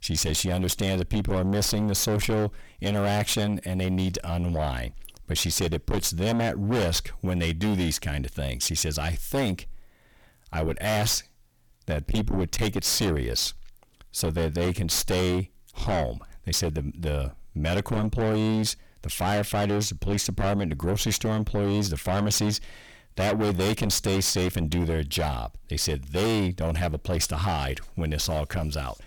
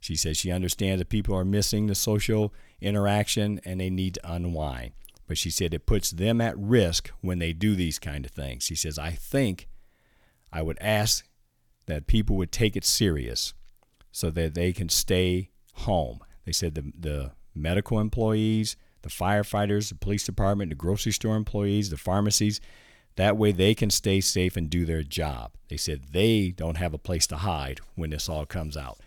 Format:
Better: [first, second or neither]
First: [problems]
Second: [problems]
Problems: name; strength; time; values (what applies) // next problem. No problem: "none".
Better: second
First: distortion; heavy; 6 dB below the speech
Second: none